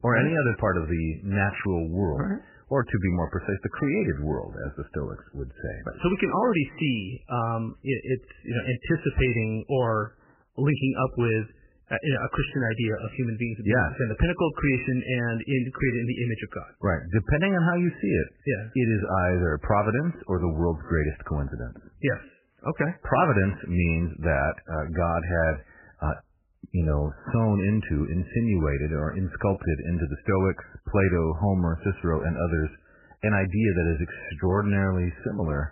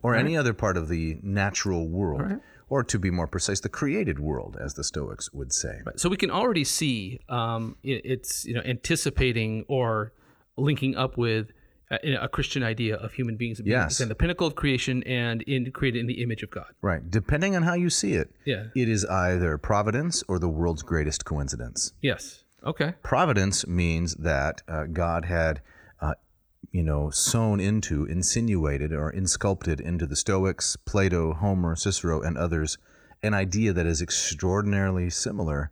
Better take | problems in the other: second | garbled, watery; badly; nothing above 3 kHz

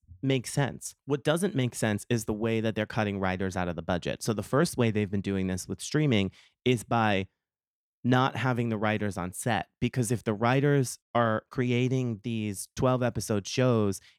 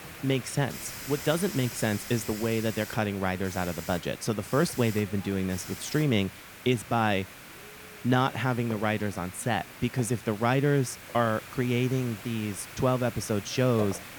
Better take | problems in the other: first | hiss; noticeable; throughout; 10 dB below the speech

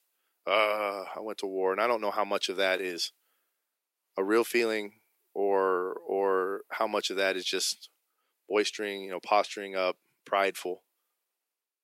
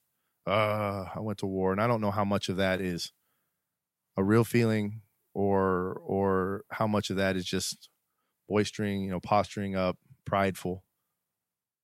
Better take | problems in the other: second | thin; somewhat; fading below 350 Hz

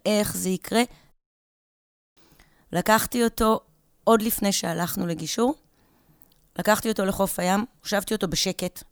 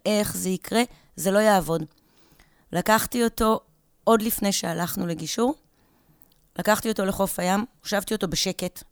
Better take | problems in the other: second | audio cutting out; at 1 s for 1 s

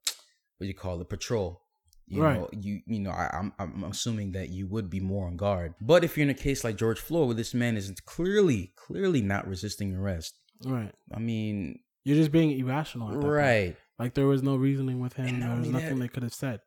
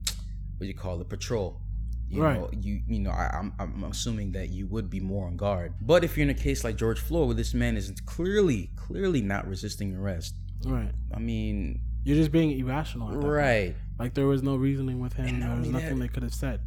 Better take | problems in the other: first | low rumble; faint; throughout; 25 dB below the speech

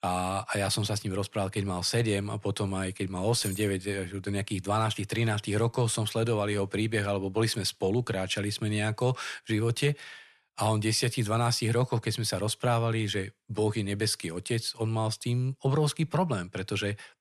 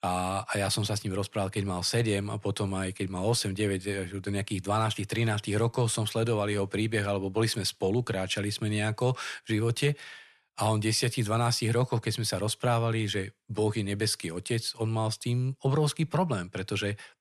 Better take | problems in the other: second | jangling keys; noticeable; at 3.5 s; peak 9 dB below the speech

